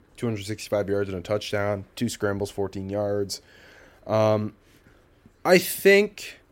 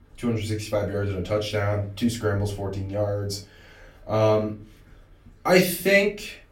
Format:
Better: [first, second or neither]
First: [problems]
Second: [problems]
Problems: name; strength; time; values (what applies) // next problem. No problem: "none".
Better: first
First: none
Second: off-mic speech; far // room echo; very slight; dies away in 0.3 s